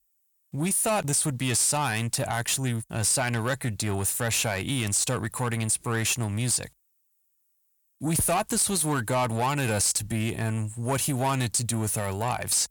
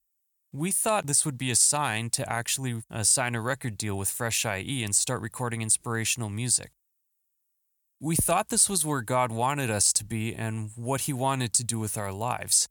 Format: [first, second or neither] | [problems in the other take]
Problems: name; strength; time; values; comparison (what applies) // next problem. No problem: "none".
second | distortion; heavy; 8 dB below the speech